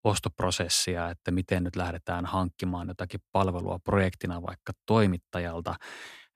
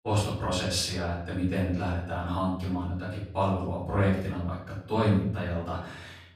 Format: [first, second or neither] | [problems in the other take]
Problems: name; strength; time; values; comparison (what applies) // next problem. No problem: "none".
first | off-mic speech; far // room echo; noticeable; dies away in 0.8 s